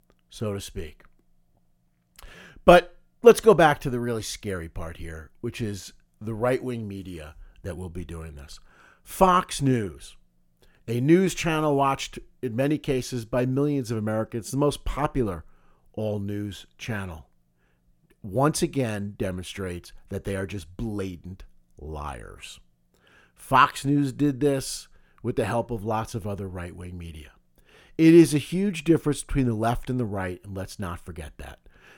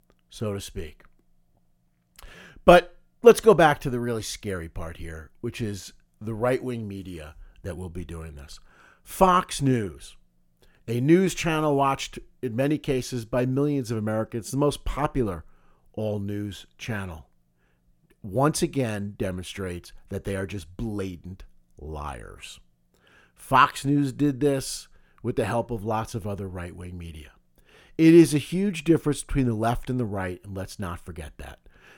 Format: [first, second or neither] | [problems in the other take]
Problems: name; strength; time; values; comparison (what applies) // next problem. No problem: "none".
neither | none